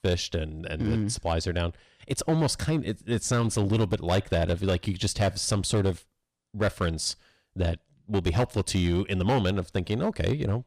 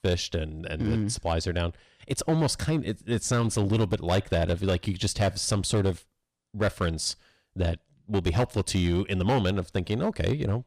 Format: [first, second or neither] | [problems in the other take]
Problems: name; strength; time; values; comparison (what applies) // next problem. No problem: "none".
neither | distortion; slight; 6% of the sound clipped; the same in both